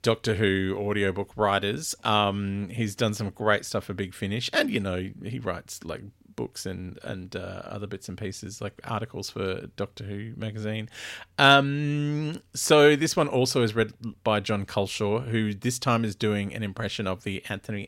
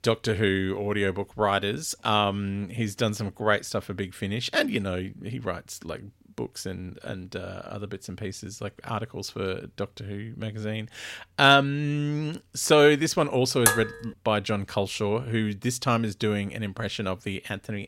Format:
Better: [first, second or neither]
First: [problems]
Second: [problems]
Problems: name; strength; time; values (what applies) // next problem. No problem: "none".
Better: first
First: none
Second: clattering dishes; loud; at 14 s; peak 4 dB above the speech